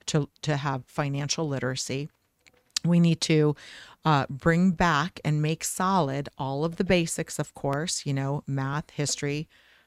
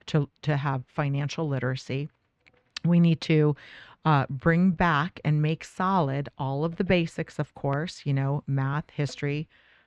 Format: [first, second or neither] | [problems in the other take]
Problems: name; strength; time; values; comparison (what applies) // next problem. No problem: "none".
first | muffled; slightly; fading above 2.5 kHz